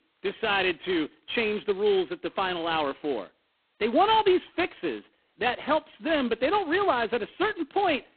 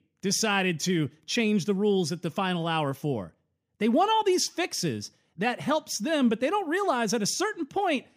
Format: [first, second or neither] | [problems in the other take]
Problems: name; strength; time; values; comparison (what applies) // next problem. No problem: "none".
second | phone-call audio; poor line